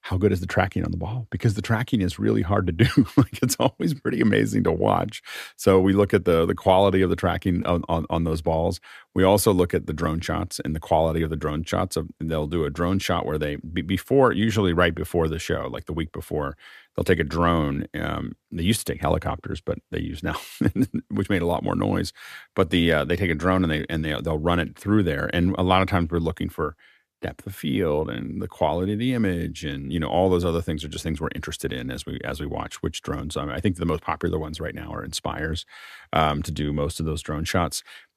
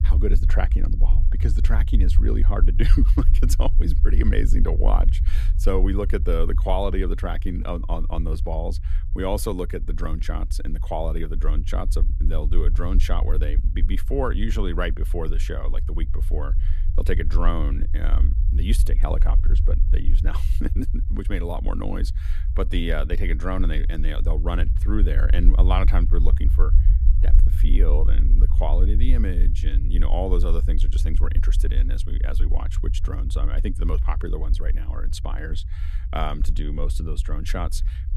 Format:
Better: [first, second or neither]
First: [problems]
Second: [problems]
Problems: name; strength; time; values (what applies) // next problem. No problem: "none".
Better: first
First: none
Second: low rumble; noticeable; throughout; 10 dB below the speech